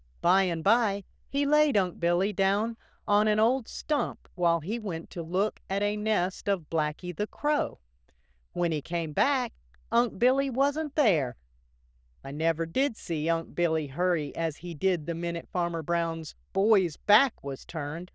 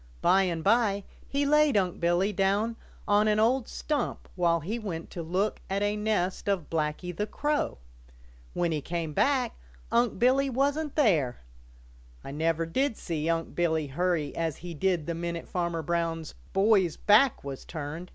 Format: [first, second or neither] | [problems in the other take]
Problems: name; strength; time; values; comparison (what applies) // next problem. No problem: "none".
second | noise reduction (neural diffusion model UNIVERSE++)